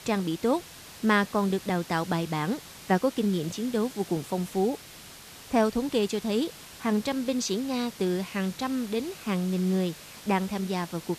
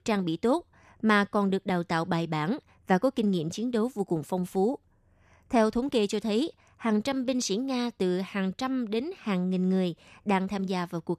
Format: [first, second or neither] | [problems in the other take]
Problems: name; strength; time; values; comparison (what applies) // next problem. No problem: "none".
second | hiss; noticeable; throughout; 15 dB below the speech